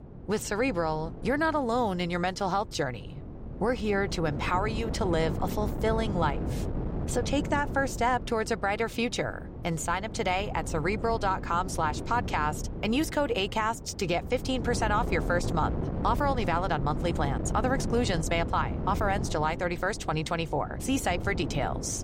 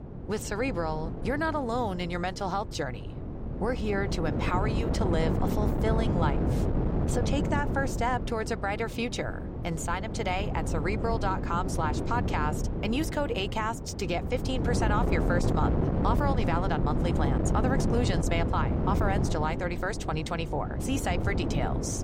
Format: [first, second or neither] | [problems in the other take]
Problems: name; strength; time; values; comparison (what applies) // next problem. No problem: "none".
first | wind noise on the microphone; heavy; 5 dB below the speech; occasional gusts in the first